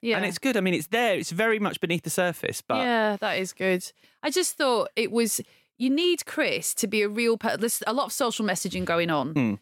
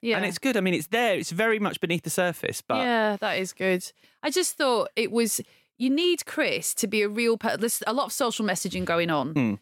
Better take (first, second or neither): neither